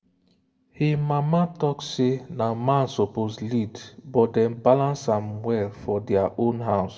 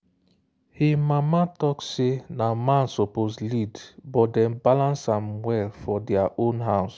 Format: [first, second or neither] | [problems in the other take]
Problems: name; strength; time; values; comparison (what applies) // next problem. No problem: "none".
second | room echo; dies away in 1.2 s